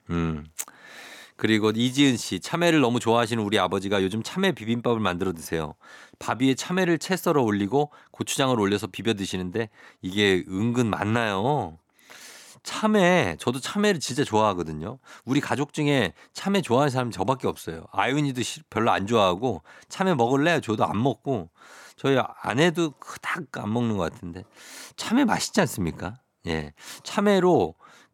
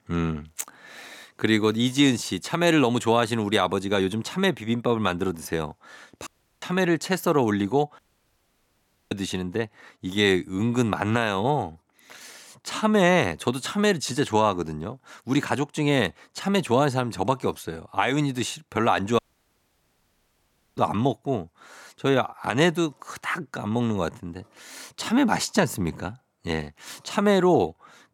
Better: first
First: none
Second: audio cutting out; at 6.5 s, at 8 s for 1 s and at 19 s for 1.5 s

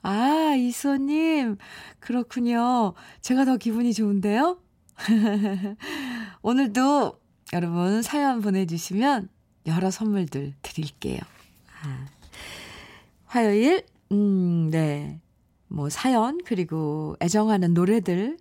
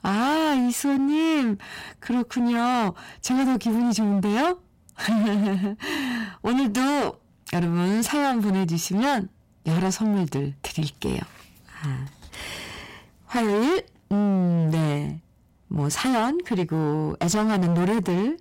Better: first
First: none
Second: distortion; heavy; 23% of the sound clipped

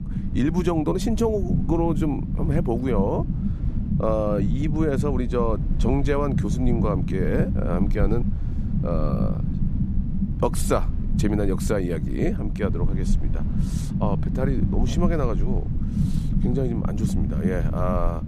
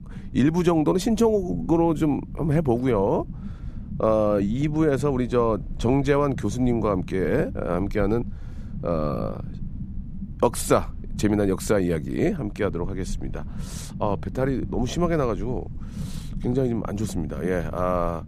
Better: second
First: low rumble; loud; throughout; 8 dB below the speech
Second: low rumble; faint; throughout; 20 dB below the speech

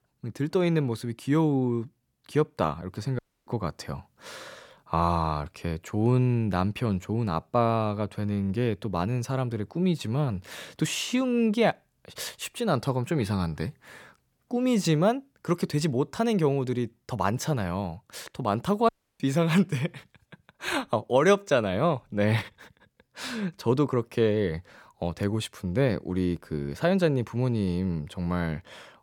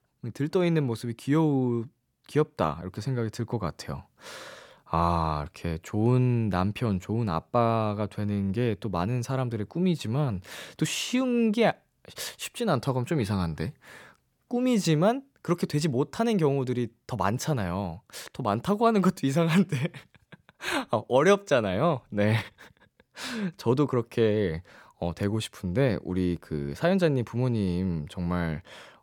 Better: second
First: audio cutting out; at 3 s and at 19 s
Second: none

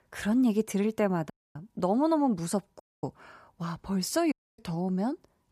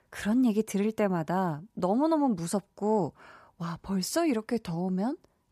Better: second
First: audio cutting out; at 1.5 s, at 3 s and at 4.5 s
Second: none

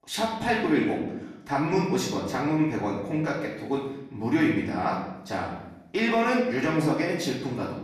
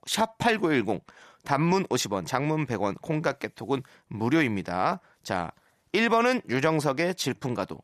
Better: second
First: off-mic speech; far // room echo; noticeable; dies away in 0.9 s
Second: none

